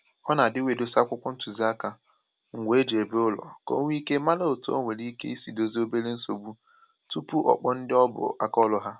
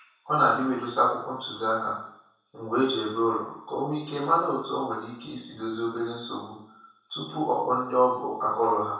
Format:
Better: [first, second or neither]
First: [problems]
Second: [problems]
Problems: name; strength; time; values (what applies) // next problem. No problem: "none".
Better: first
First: none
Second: room echo; dies away in 0.7 s